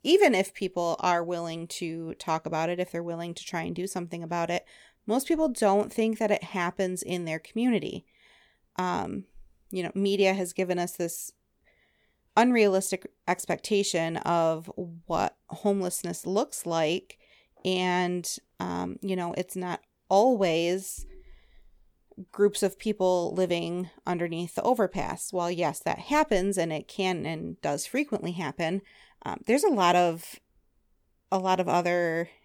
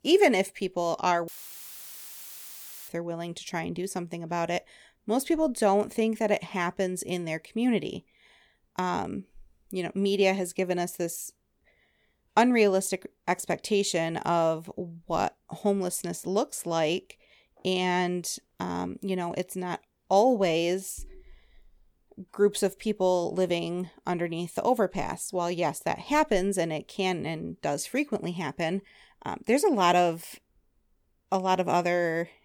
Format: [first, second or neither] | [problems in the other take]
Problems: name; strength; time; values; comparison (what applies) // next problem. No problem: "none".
first | audio cutting out; filled with static; at 1.5 s for 1.5 s